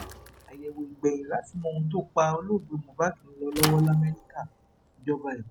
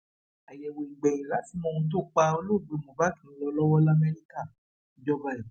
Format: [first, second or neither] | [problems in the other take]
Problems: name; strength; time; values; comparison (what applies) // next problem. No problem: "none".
second | background sound (Thump, thud / Bicycle); 11 dB below the speech